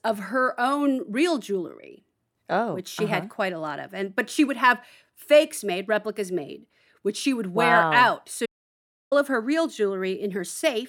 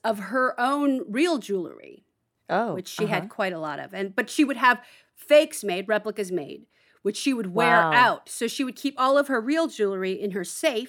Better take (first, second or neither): second